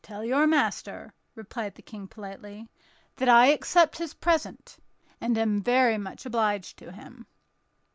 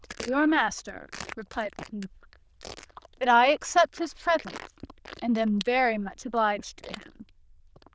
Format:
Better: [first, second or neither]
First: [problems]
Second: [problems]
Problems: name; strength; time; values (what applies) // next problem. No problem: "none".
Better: first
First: none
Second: noise reduction (neural diffusion model UNIVERSE++)